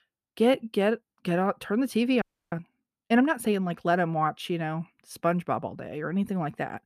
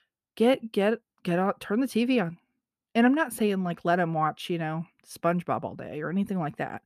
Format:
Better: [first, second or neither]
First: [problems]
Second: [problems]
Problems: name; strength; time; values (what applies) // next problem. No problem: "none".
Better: second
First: audio freezing; at 2 s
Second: none